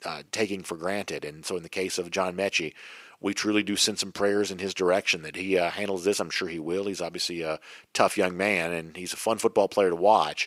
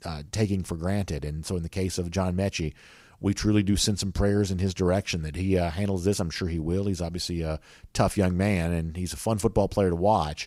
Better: second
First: thin; somewhat; fading below 400 Hz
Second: none

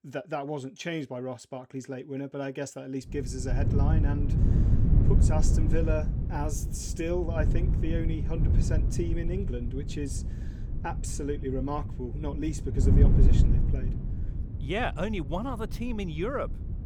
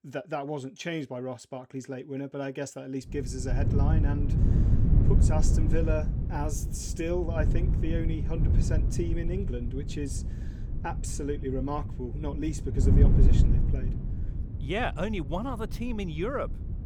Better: neither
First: wind noise on the microphone; heavy; from 3 s on; 6 dB below the speech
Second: wind noise on the microphone; heavy; from 3 s on; 6 dB below the speech

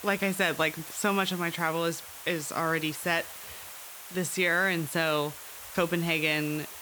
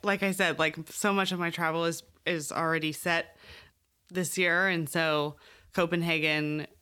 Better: second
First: hiss; noticeable; throughout; 10 dB below the speech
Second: none

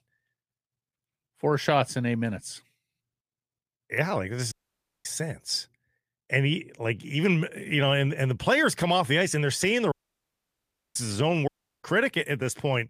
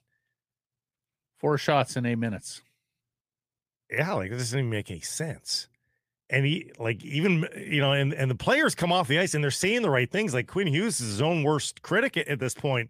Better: second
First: audio cutting out; at 4.5 s for 0.5 s, at 10 s for 1 s and at 11 s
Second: none

